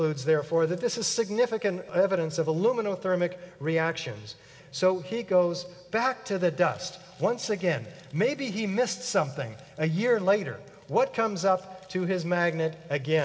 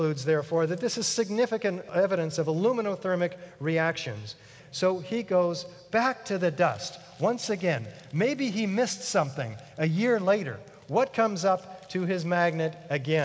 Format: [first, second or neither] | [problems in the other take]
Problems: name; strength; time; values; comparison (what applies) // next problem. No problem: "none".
second | room echo; dies away in 0.2 s